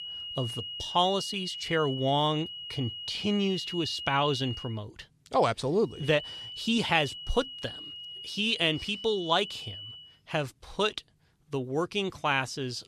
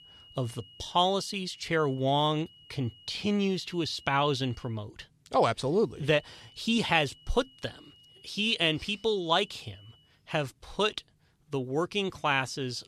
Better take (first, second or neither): second